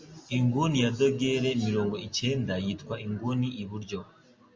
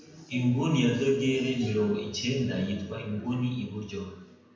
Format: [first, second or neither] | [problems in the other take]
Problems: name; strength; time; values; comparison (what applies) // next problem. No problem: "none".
first | room echo; dies away in 0.9 s